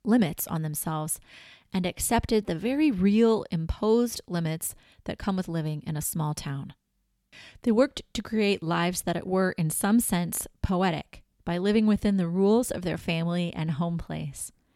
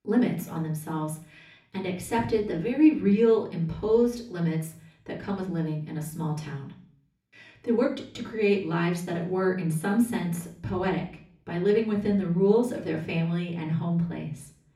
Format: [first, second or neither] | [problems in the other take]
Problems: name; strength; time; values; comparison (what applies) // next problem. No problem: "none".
first | room echo; slight; dies away in 0.5 s // off-mic speech; far